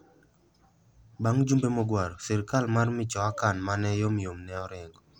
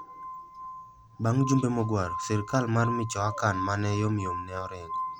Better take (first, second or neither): first